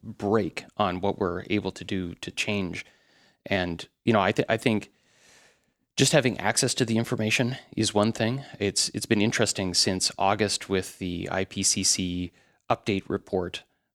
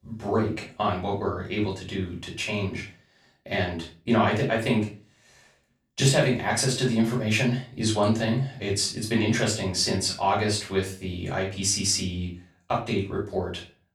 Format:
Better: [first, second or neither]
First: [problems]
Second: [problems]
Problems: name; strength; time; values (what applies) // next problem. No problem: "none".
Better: first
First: none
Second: off-mic speech; far // room echo; slight; dies away in 0.3 s